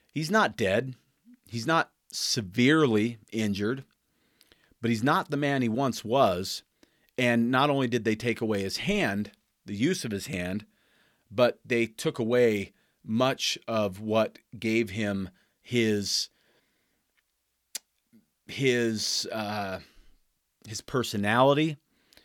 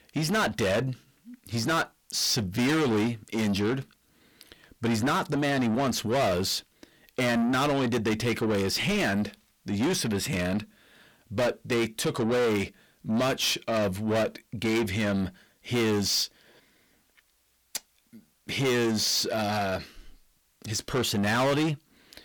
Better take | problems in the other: first | distortion; heavy; 6 dB below the speech

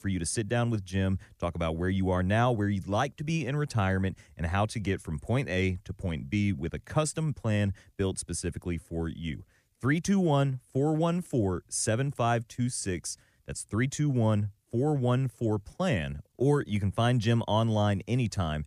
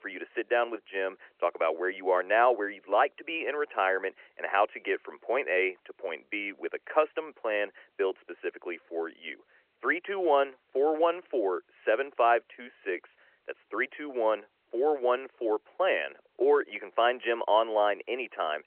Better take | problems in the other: first | phone-call audio

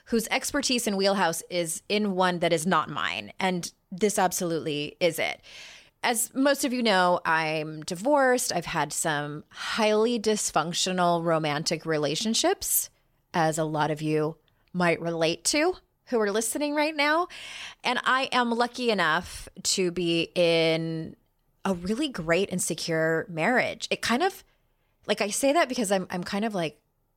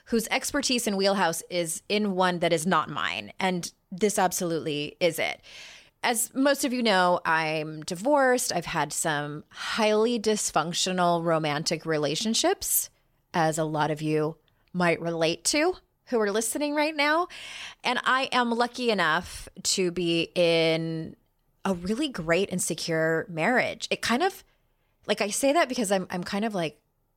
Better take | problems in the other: neither | none

